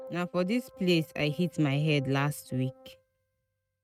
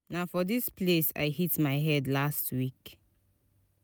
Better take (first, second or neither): second